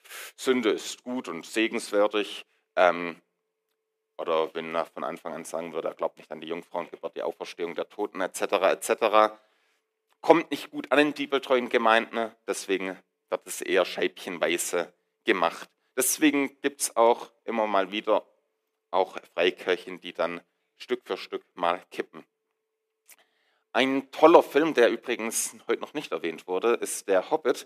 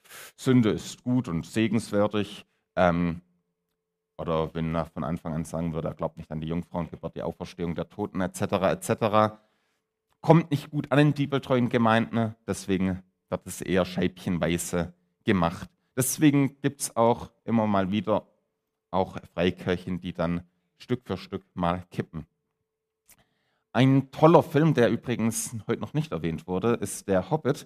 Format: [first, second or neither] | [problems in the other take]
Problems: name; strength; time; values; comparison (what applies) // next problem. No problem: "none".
second | thin; somewhat; fading below 350 Hz